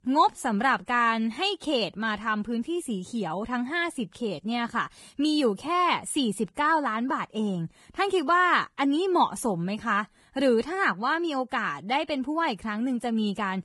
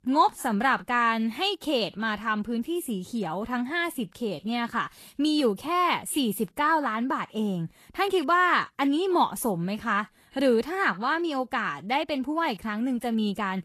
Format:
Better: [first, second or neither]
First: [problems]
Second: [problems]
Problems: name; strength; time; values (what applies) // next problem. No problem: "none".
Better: second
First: garbled, watery; badly; nothing above 11 kHz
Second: garbled, watery; slightly; nothing above 12.5 kHz